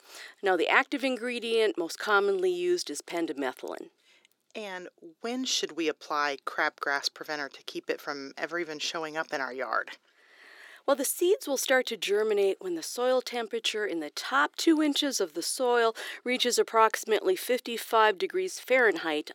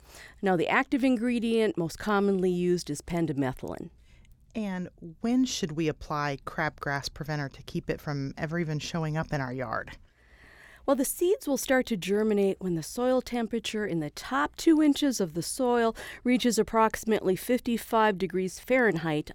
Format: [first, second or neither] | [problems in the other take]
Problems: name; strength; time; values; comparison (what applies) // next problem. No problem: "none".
second | thin; somewhat; fading below 350 Hz